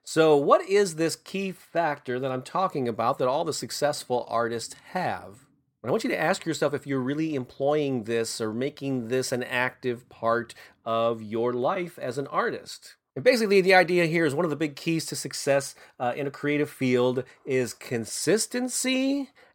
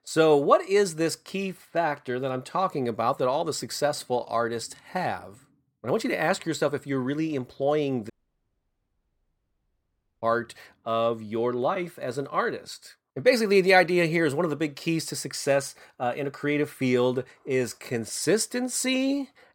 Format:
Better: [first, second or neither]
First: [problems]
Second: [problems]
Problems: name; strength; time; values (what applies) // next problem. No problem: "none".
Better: first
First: none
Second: audio cutting out; at 8 s for 2 s